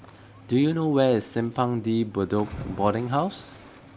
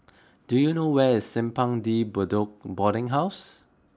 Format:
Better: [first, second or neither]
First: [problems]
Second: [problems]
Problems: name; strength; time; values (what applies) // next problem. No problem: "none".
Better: second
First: background sound (Cricket / Waves, surf); 18 dB below the speech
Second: none